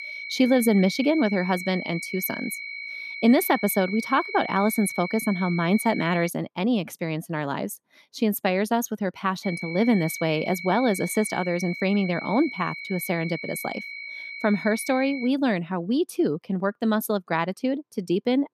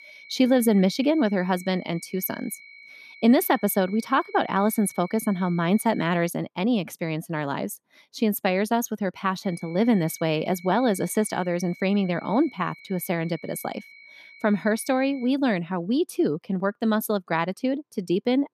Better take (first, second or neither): second